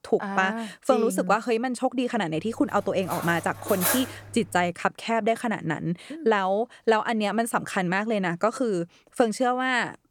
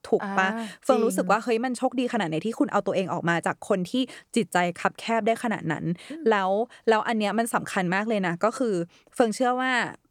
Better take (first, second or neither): second